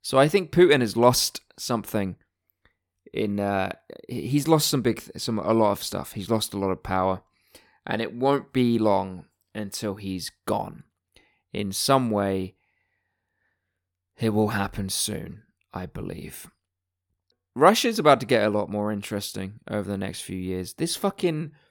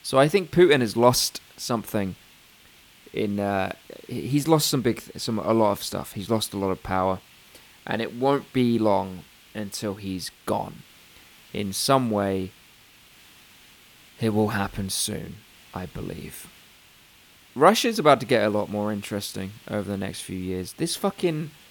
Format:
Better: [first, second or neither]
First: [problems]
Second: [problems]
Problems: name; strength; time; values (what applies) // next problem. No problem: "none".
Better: first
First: none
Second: hiss; faint; throughout; 25 dB below the speech